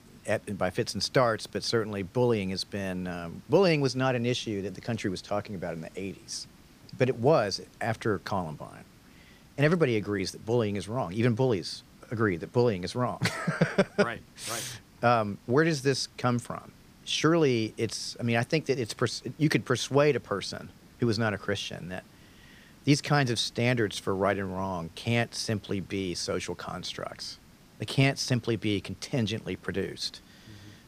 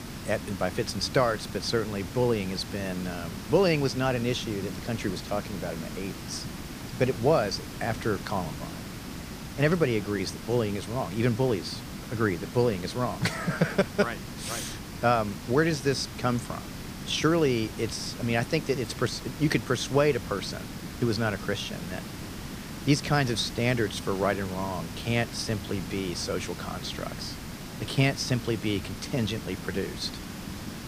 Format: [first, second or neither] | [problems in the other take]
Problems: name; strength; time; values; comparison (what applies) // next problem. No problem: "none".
first | hiss; loud; throughout; 10 dB below the speech; faint in the first